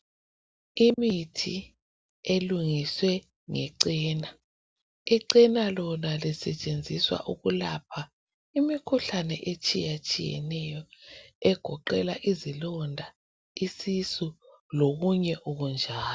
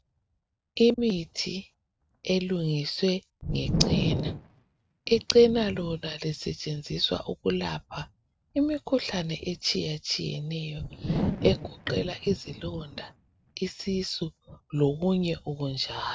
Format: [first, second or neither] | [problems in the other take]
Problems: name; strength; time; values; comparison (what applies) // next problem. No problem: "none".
first | noise reduction (neural mask model RNNoise)